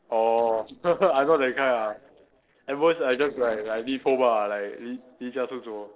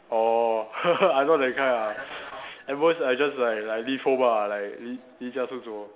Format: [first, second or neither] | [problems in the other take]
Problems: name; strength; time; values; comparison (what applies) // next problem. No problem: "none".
second | noise reduction (neural separator model SepFormer DNS4)